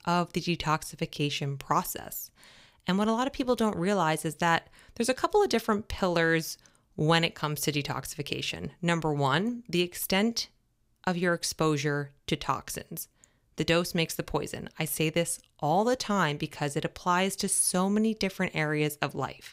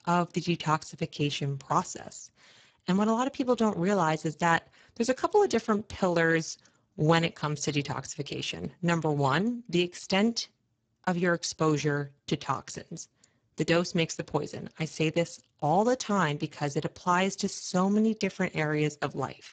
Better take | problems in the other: first | garbled, watery; badly; nothing above 7.5 kHz

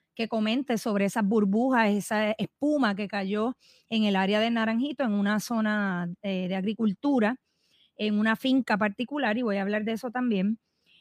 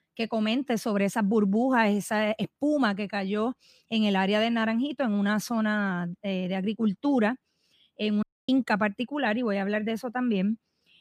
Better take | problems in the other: first | audio cutting out; at 8 s

